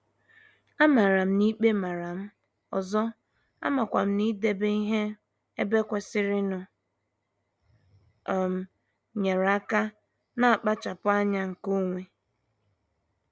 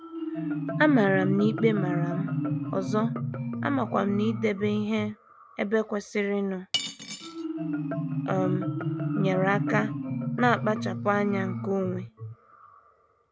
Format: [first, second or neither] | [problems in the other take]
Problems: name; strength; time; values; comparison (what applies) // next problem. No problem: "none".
first | background sound (Marimba, xylophone + Cutlery, silverware / Dishes, pots, and pans); 3 dB below the speech